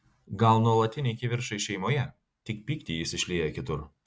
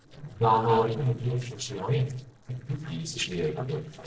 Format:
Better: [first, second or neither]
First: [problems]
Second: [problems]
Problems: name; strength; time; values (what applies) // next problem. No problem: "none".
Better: first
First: none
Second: noise reduction (neural separator model SepFormer DNS4)